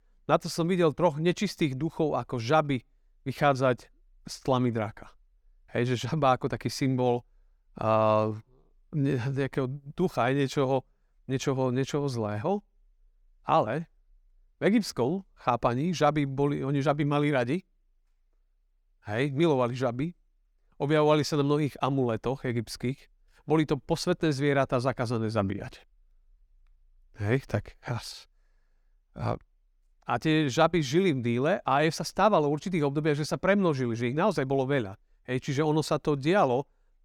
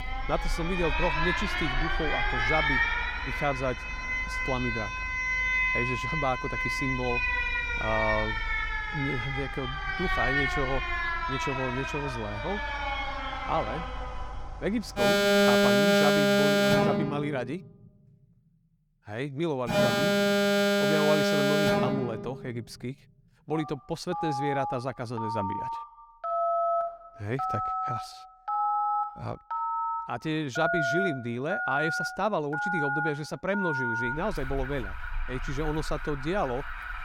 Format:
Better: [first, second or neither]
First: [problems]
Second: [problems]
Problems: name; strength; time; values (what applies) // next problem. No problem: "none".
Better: first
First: none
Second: alarms or sirens; very loud; throughout; 5 dB above the speech